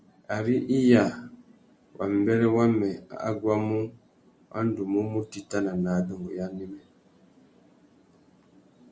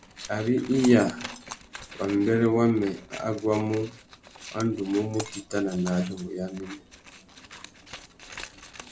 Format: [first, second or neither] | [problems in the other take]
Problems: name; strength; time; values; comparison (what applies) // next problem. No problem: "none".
first | background sound (Scissors + Shatter); 16 dB below the speech